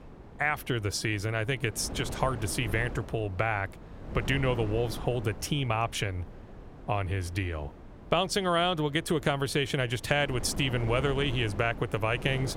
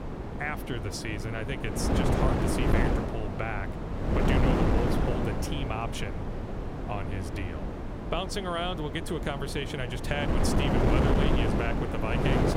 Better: first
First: wind noise on the microphone; occasional gusts; 15 dB below the speech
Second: wind noise on the microphone; heavy; 1 dB above the speech

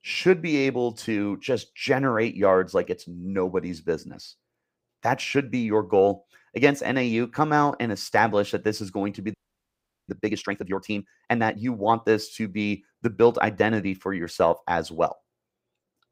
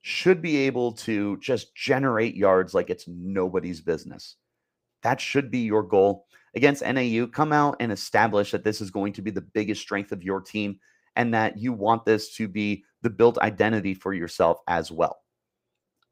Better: second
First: audio freezing; at 9.5 s for 0.5 s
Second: none

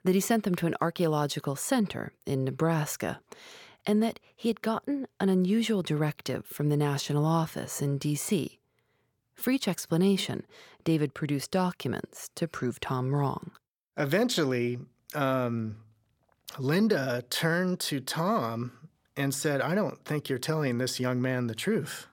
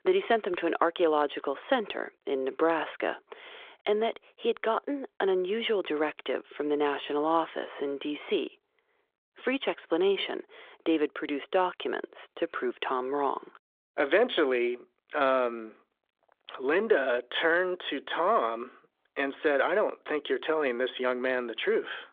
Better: first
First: none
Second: phone-call audio; nothing above 3.5 kHz

